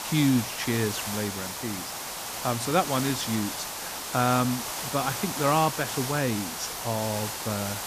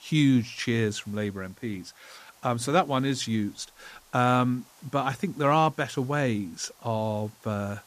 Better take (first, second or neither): second